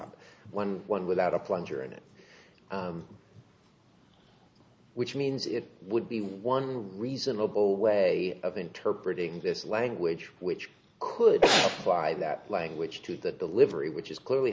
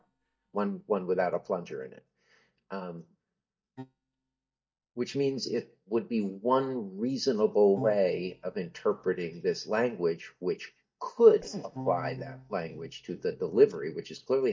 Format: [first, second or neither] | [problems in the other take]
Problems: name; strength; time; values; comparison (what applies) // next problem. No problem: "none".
first | noise reduction (neural mask model DeepFilterNet 3)